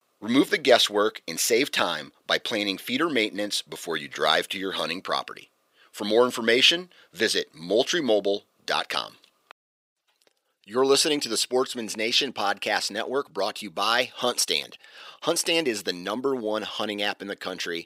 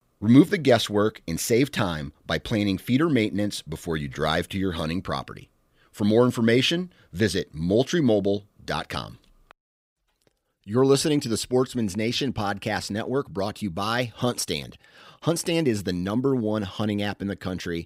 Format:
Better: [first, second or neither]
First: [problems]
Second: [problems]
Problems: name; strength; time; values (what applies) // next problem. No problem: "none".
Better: second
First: thin; somewhat; fading below 450 Hz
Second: none